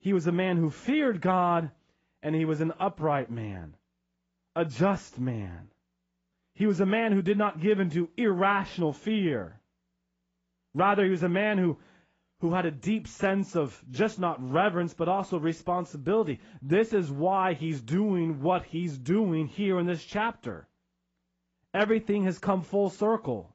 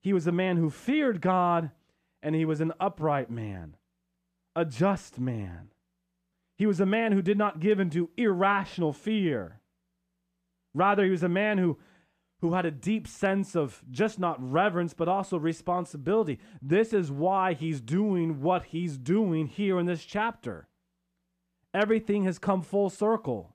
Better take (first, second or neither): second